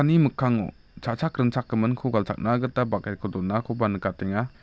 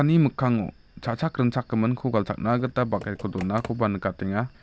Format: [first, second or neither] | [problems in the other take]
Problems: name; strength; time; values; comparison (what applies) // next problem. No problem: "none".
first | background sound (Computer keyboard); 18 dB below the speech